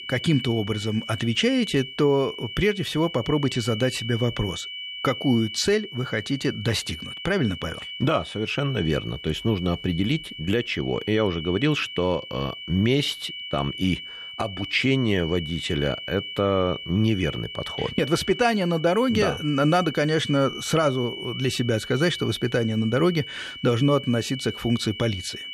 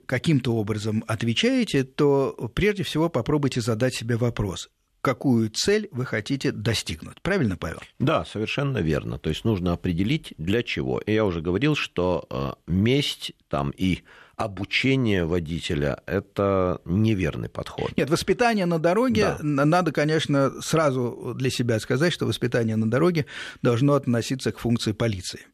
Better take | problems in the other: second | high-pitched whine; loud; throughout; 3 kHz, 10 dB below the speech

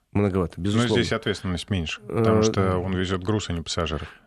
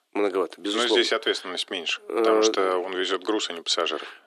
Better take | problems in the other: first | thin; very; fading below 300 Hz

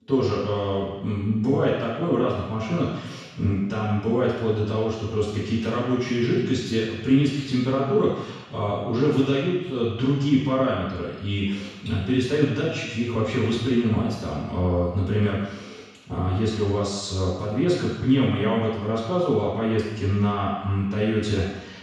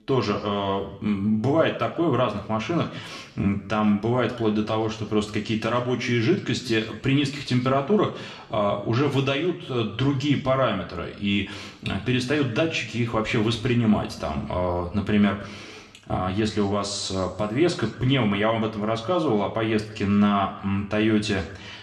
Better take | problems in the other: second | room echo; strong; dies away in 1.1 s; slight in the second // off-mic speech; far; somewhat distant in the second

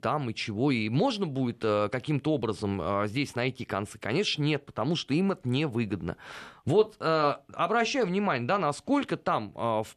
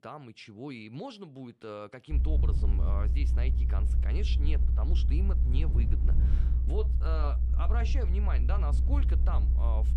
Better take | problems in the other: first | low rumble; loud; from 2 s on; 5 dB below the speech

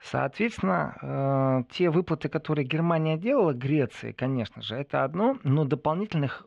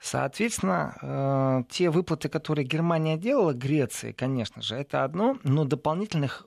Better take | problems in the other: second | muffled; slightly; fading above 2.5 kHz

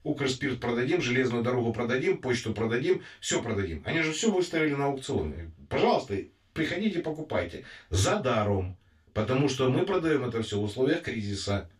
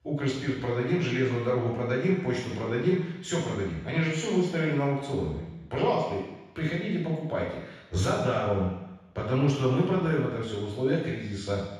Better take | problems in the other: first | room echo; strong; dies away in 1.1 s; slight in the first // off-mic speech; far; far in the first

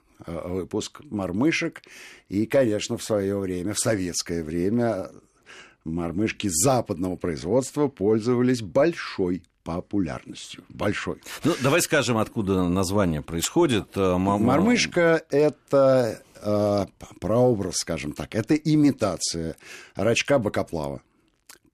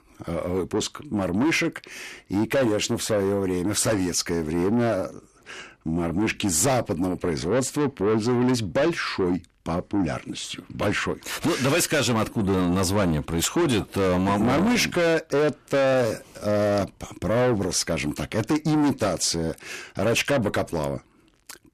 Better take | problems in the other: first | distortion; heavy; 8 dB below the speech

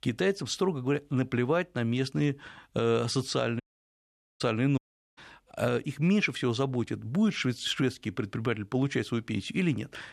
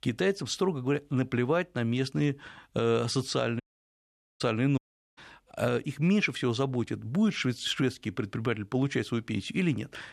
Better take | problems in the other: neither | audio cutting out; at 3.5 s for 1 s and at 5 s; the same in both

